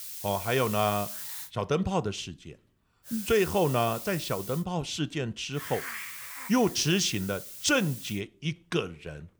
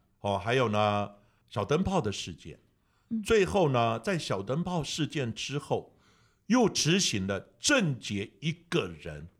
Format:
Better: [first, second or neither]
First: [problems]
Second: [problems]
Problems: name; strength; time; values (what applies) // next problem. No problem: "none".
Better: second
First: hiss; loud; until 1.5 s, from 3 to 4.5 s and from 5.5 to 8 s; 9 dB below the speech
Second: none